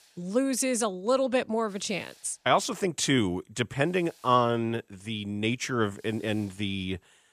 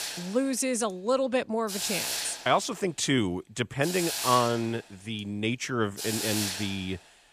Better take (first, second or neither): first